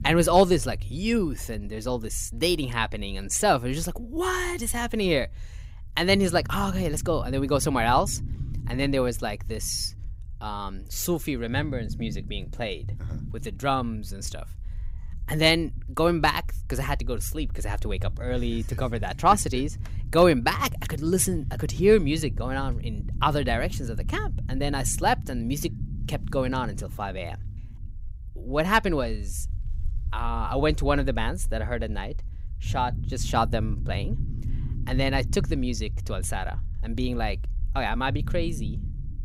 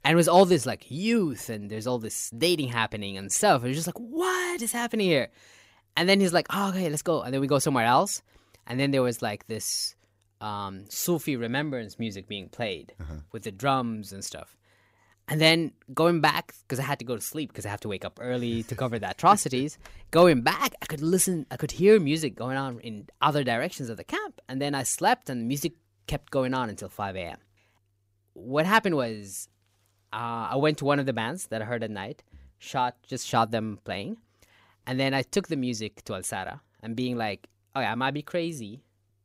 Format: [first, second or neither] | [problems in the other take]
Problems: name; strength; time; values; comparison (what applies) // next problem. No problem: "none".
second | low rumble; faint; throughout; 20 dB below the speech